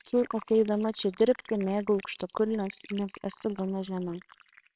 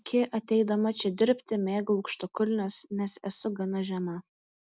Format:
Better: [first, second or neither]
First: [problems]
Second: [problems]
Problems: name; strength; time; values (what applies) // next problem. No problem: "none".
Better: second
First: noise reduction (neural separator model SepFormer WHAMR!)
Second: none